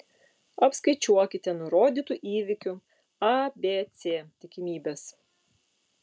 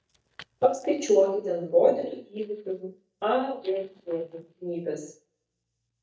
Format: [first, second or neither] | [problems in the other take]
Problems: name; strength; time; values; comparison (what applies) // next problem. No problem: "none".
first | noise reduction (neural mask model DeepFilterNet 3)